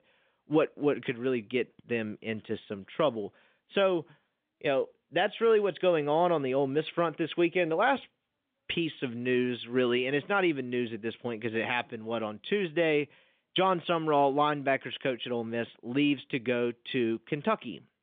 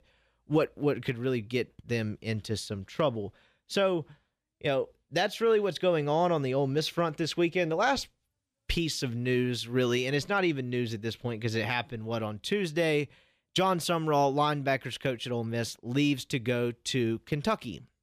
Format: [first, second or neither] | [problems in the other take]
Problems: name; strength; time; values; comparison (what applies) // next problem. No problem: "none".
second | phone-call audio